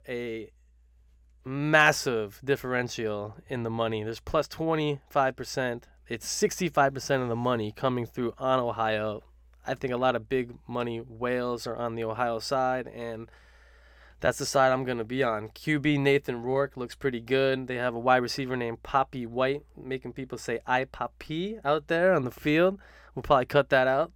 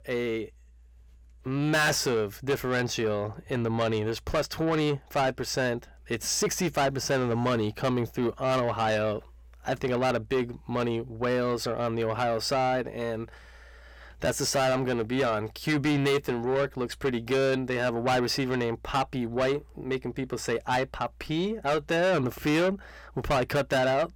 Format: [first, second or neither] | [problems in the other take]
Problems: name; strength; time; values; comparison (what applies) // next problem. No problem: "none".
first | distortion; heavy; 6 dB below the speech